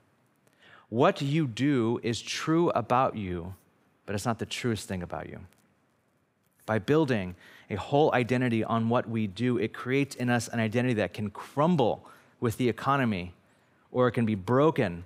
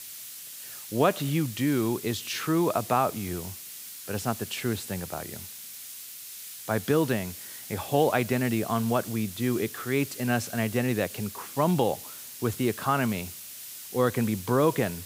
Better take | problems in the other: first | hiss; noticeable; throughout; 10 dB below the speech

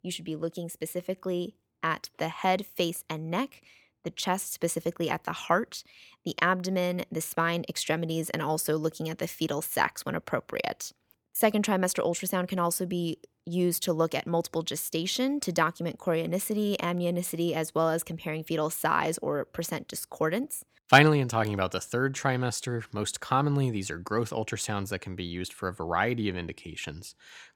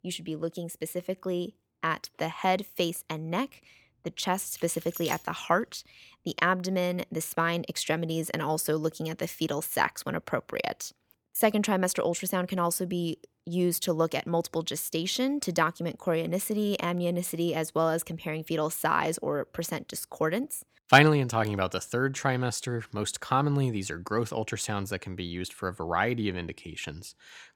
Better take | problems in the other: first | jangling keys; noticeable; at 4.5 s; peak 9 dB below the speech

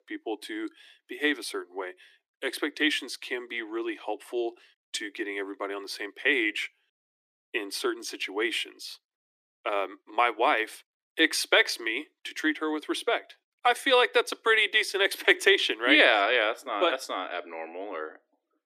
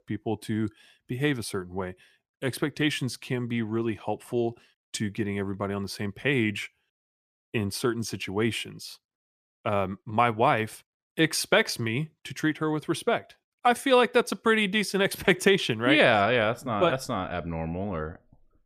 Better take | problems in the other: second | thin; somewhat; fading below 300 Hz

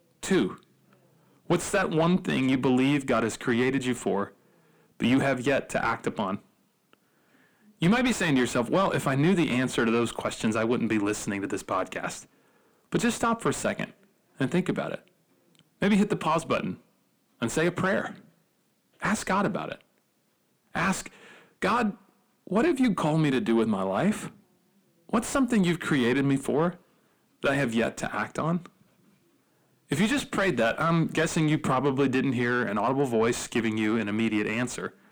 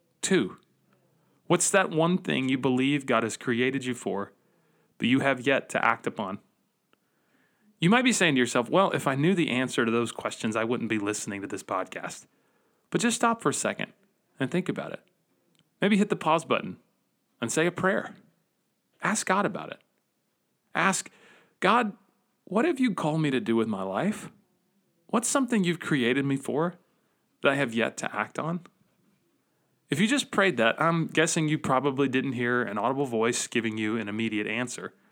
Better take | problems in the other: second | distortion; heavy; 7 dB below the speech

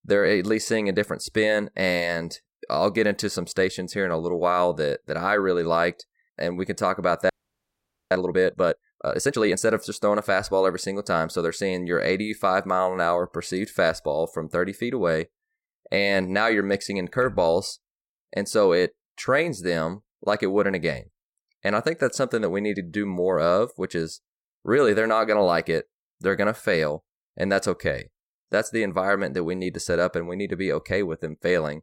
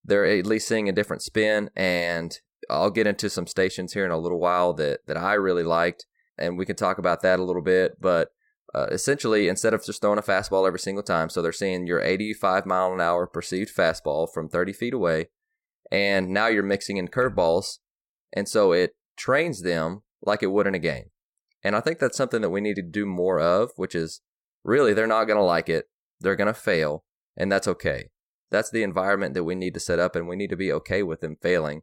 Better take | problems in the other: second | audio freezing; at 7.5 s for 1 s

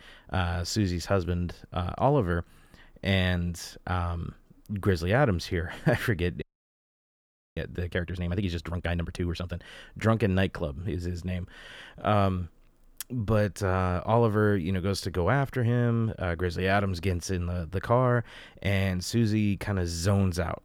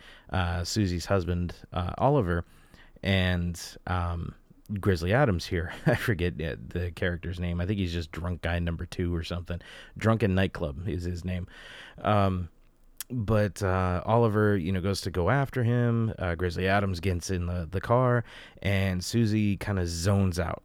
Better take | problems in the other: second | audio freezing; at 6.5 s for 1 s

